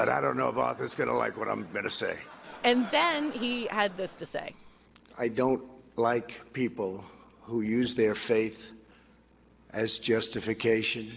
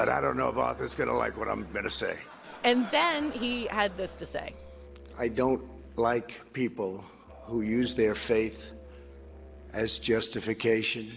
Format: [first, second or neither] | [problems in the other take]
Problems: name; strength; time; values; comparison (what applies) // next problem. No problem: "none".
first | background sound (Musical instrument); 19 dB below the speech